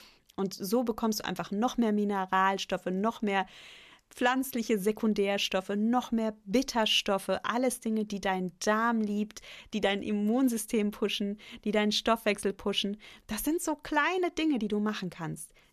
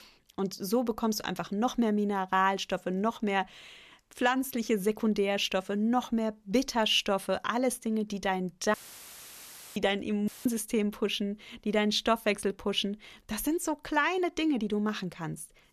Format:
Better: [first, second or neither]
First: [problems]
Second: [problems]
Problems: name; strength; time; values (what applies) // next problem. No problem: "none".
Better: first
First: none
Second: audio cutting out; filled with static; at 8.5 s for 1 s and at 10 s